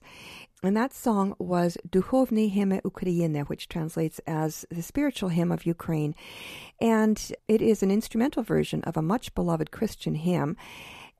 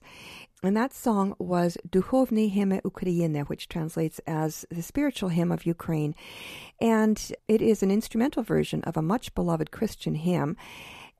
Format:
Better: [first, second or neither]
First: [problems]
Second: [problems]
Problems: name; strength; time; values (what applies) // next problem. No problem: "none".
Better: neither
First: none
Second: none